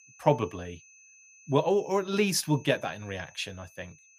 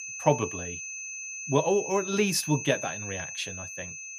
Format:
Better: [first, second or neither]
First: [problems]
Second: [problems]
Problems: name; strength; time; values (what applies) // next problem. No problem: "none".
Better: first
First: high-pitched whine; faint; throughout; 6 kHz, 25 dB below the speech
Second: high-pitched whine; loud; throughout; 6 kHz, 7 dB below the speech